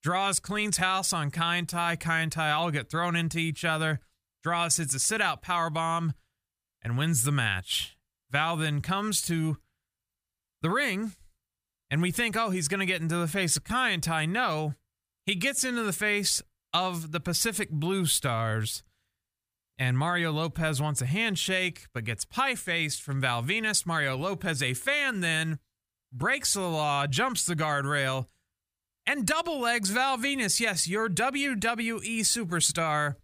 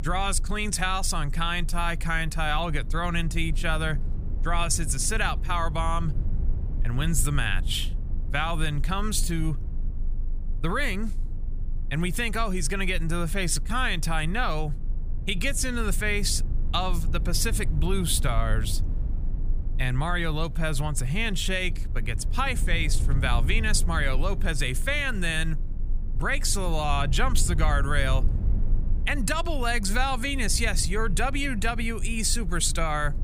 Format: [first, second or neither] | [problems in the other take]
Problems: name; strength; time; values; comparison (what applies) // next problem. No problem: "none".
first | low rumble; faint; throughout; 20 dB below the speech